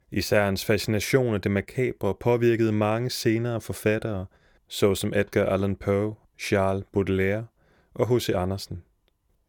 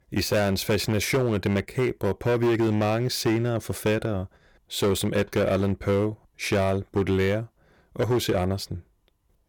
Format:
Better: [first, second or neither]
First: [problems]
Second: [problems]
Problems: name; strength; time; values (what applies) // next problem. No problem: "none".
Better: first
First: none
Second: distortion; slight; 10% of the sound clipped